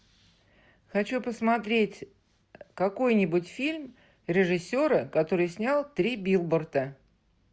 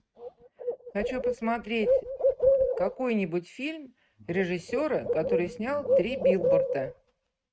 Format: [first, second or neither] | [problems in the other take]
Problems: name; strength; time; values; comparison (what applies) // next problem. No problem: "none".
first | noise reduction (neural mask model RNNoise)